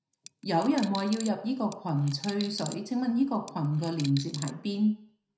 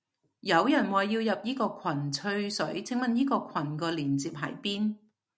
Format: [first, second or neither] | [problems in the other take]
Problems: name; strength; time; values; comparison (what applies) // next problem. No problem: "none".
second | background sound (Coin (dropping)); 15 dB below the speech // room echo; dies away in 0.5 s